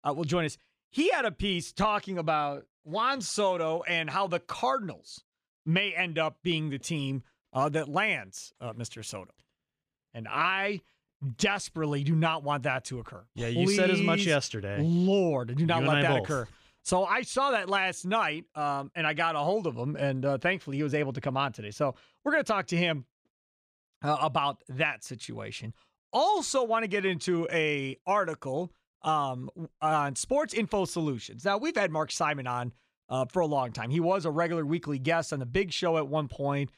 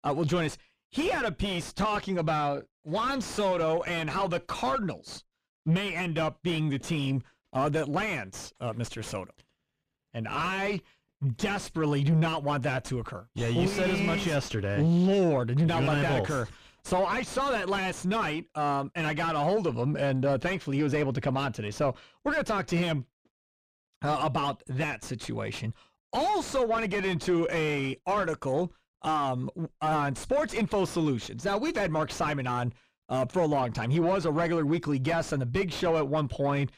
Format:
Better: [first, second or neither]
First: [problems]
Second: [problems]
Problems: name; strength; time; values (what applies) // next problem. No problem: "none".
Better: first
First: none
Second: distortion; heavy; 5 dB below the speech